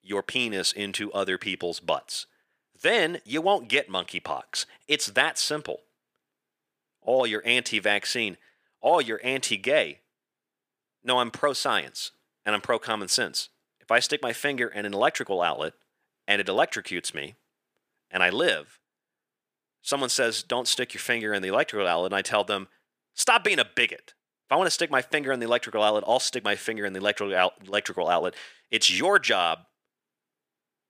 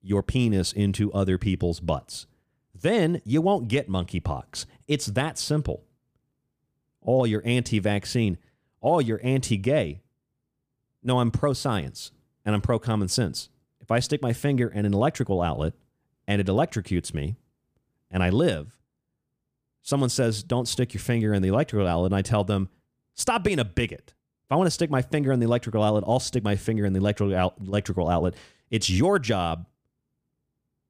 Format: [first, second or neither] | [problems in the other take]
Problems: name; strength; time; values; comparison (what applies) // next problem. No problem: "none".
second | thin; very; fading below 500 Hz